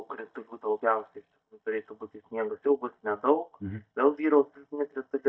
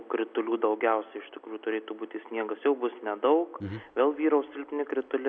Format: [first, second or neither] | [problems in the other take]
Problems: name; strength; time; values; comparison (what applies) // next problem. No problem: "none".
second | noise reduction (neural mask model DeepFilterNet 3)